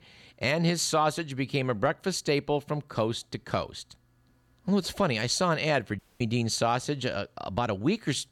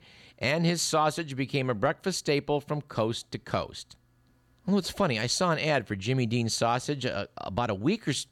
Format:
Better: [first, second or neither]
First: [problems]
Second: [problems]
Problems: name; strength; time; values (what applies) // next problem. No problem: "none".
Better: second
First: audio cutting out; at 6 s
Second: none